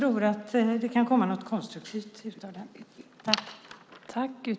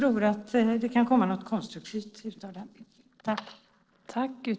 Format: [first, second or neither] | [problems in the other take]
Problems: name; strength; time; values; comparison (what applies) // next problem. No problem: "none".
first | noise reduction (neural separator model SepFormer DNS4)